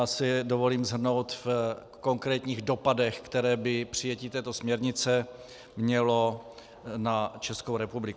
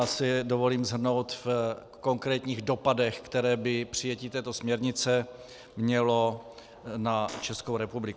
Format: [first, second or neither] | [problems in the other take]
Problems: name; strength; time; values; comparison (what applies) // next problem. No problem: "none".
first | background sound (Fart); 14 dB below the speech